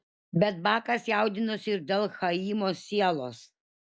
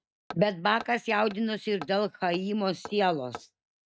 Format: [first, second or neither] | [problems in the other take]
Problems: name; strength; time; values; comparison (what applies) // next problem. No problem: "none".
first | noise reduction (neural mask model RNNoise)